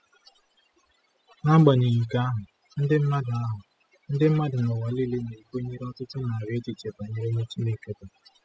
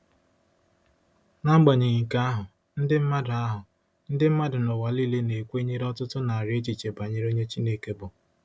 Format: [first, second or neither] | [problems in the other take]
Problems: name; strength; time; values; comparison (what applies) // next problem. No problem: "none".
second | noise reduction (classical method spectral subtraction)